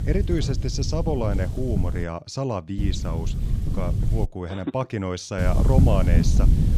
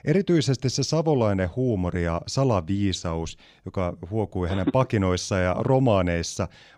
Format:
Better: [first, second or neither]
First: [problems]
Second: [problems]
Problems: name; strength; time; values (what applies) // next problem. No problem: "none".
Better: second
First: wind noise on the microphone; heavy; until 2 s, from 3 to 4.5 s and from 5.5 s on; 7 dB below the speech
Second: none